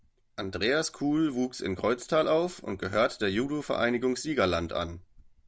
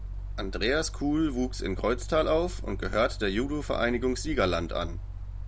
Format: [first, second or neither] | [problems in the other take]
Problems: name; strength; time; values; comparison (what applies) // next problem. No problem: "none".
first | background sound (Mechanical fan); 6 dB below the speech